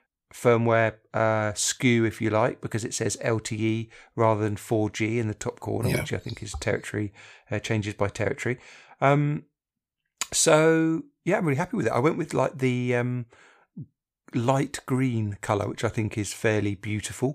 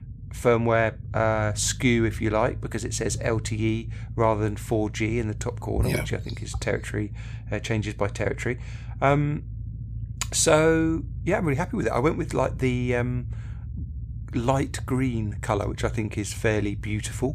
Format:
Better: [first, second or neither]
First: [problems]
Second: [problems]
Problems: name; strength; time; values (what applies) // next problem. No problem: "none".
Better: first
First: none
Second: low rumble; faint; throughout; 25 dB below the speech